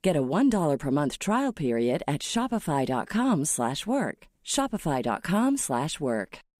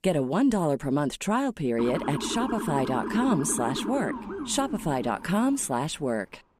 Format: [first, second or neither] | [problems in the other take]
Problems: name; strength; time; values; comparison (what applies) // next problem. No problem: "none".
first | siren; noticeable; from 2 to 5.5 s; peak 5 dB below the speech